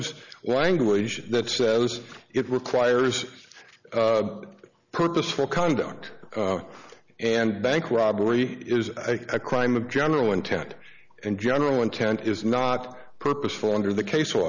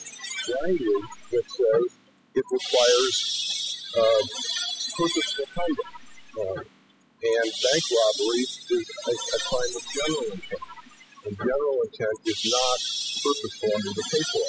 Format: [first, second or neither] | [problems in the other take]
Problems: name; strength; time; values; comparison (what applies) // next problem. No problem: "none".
first | noise reduction (classical method spectral subtraction)